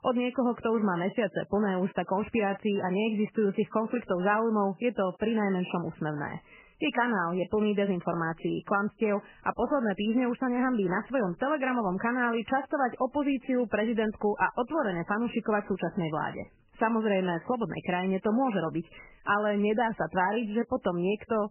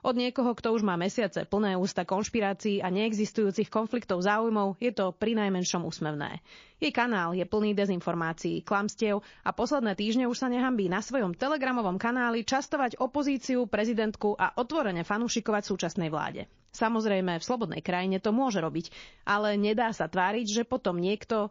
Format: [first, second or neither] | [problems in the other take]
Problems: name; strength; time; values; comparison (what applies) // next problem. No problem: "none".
second | garbled, watery; badly; nothing above 3 kHz; slightly in the second